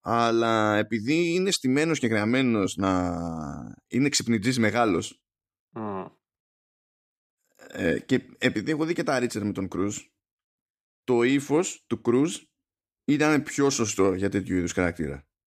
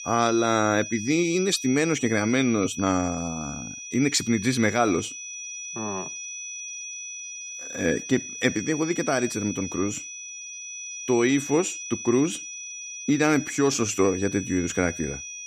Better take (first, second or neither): first